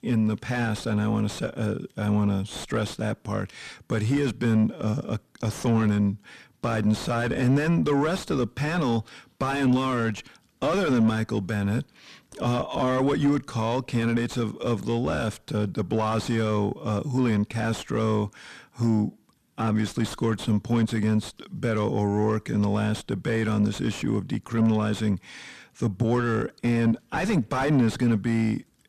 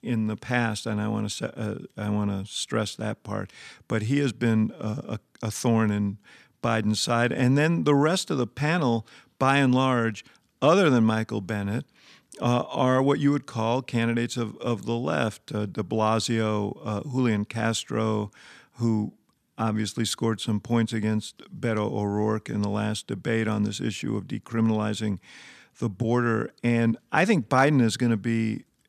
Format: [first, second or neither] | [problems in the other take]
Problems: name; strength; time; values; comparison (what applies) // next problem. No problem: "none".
second | distortion; heavy; 6 dB below the speech